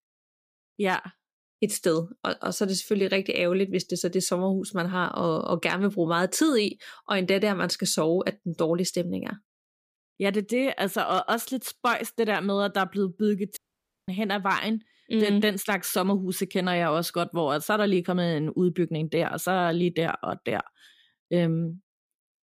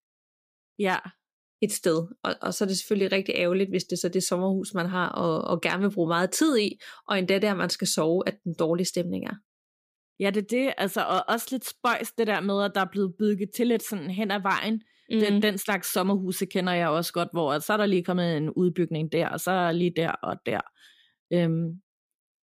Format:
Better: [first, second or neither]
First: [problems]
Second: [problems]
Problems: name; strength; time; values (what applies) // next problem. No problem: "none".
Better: second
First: audio cutting out; at 14 s for 0.5 s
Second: none